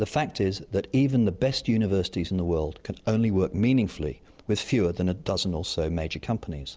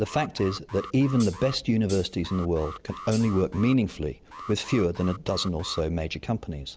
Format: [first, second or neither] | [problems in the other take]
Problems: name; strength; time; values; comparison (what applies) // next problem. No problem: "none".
first | background sound (Alarm + Hi-hat); 16 dB below the speech